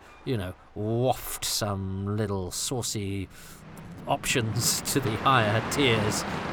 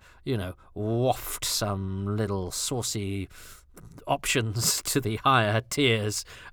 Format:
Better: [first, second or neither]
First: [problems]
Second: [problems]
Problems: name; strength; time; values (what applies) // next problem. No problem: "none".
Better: second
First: train or aircraft noise; loud; throughout; 7 dB below the speech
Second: none